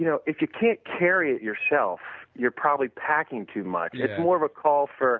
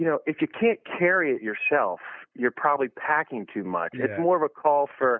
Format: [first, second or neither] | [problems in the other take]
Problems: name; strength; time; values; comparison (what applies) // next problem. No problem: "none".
first | noise reduction (neural mask model Resemble Enhance denoiser)